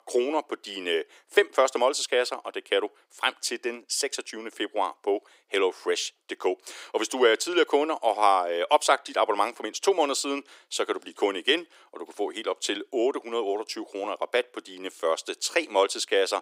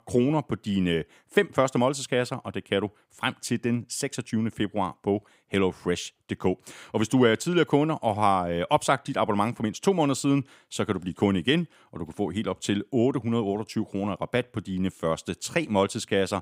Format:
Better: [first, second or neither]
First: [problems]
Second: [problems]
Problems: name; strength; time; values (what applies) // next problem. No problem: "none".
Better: second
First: thin; very; fading below 350 Hz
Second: none